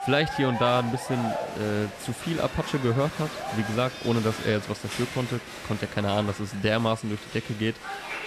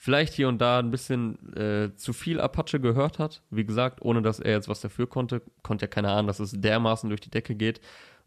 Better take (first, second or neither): second